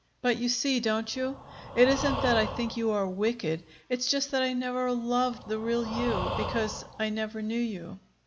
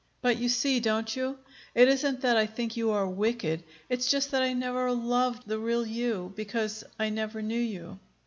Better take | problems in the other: second | background sound (Breathing); 8 dB below the speech

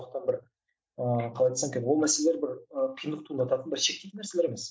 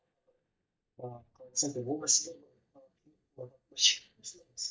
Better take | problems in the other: first | noise reduction (neural mask model DeepFilterNet 3)

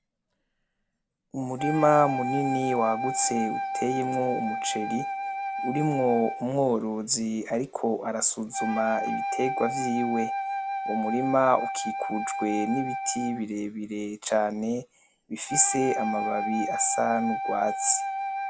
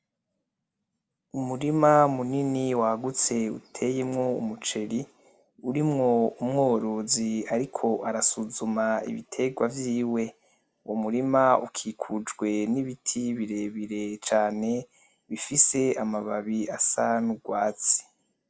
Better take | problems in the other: second | background sound (Wind instrument, woodwind instrument); 4 dB below the speech

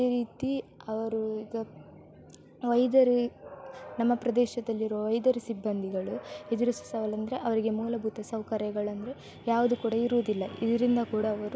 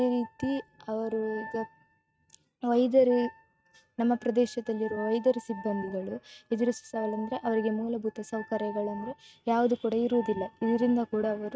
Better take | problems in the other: first | noise reduction (neural mask model RNNoise)

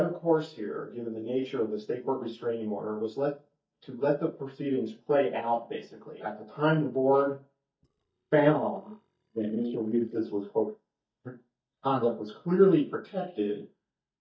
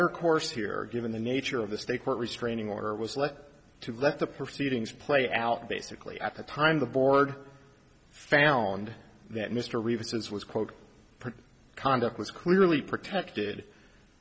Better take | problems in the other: second | noise reduction (neural mask model DeepFilterNet 3)

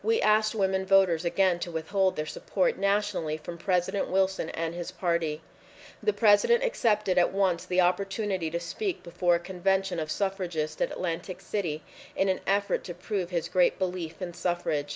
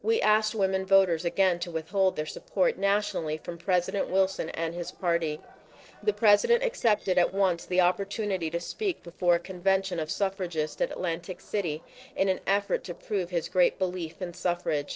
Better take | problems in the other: first | noise reduction (neural separator model SepFormer DNS4)

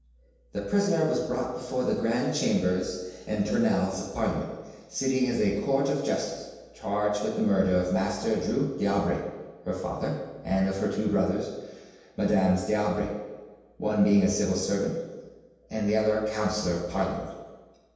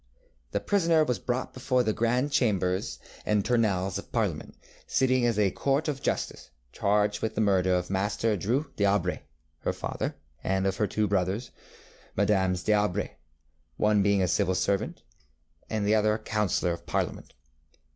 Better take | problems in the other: second | room echo; dies away in 1.2 s

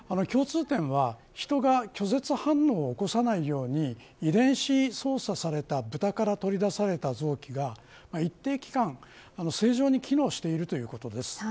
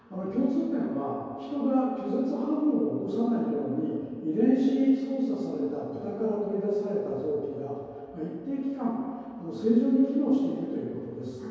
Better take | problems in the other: first | room echo; dies away in 2.2 s

